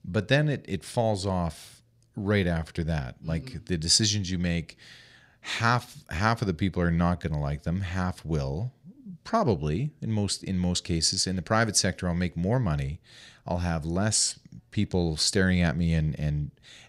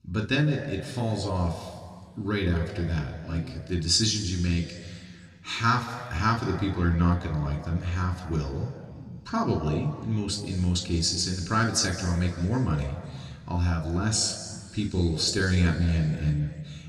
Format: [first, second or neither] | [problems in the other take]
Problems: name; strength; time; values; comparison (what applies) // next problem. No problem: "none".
first | room echo; slight; dies away in 2 s // off-mic speech; somewhat distant